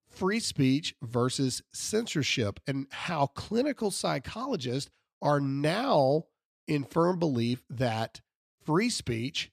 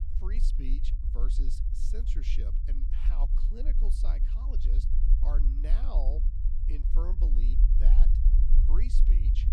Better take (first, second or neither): first